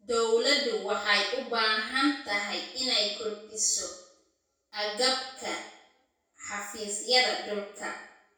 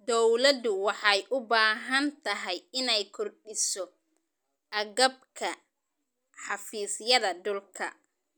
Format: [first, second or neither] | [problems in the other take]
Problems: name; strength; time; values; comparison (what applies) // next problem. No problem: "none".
second | room echo; dies away in 0.6 s